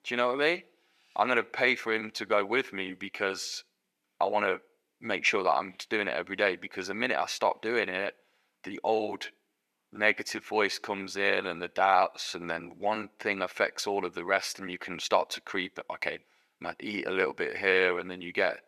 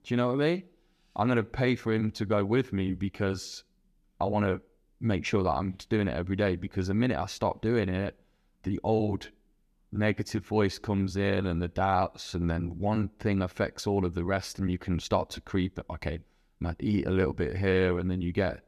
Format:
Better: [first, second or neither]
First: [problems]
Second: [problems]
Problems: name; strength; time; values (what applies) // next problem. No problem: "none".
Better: second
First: thin; very; fading below 550 Hz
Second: none